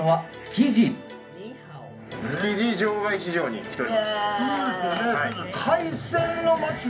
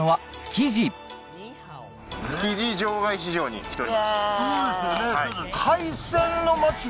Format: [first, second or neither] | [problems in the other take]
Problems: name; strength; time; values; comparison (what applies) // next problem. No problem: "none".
second | room echo; dies away in 0.3 s